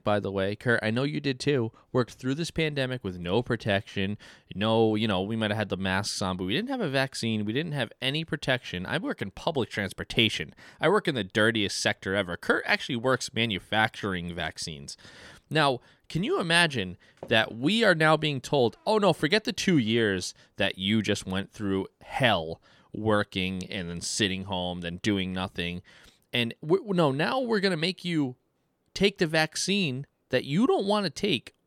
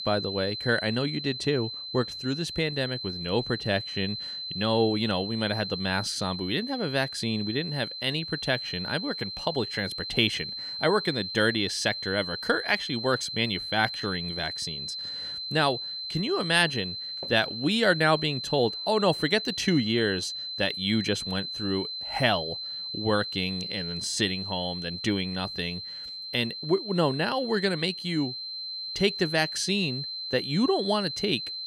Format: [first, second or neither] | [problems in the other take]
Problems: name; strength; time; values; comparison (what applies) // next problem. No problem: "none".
first | high-pitched whine; loud; throughout; 4 kHz, 5 dB below the speech